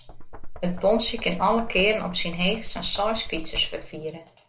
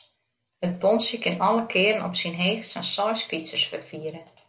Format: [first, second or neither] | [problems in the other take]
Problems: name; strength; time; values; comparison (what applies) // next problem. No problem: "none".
second | background sound (Knock); 7 dB below the speech